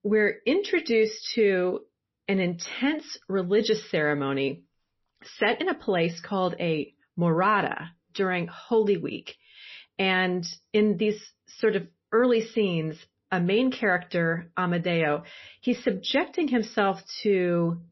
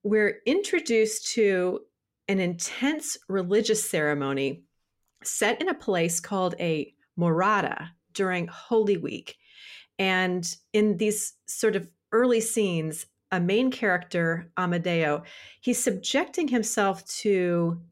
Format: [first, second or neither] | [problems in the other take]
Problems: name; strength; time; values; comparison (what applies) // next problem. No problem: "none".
second | garbled, watery; slightly; nothing above 5.5 kHz